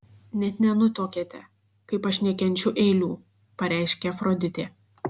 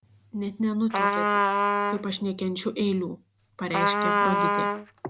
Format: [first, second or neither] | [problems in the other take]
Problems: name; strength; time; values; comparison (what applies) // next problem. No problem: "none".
first | background sound (Trumpet); 5 dB above the speech